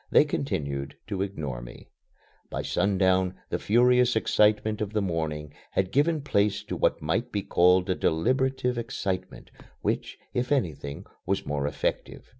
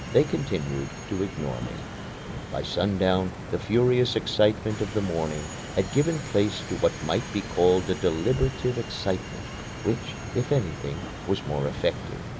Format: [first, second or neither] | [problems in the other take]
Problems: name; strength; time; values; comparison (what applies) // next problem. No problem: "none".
first | background sound (Subway, metro, underground + Stream); 9 dB below the speech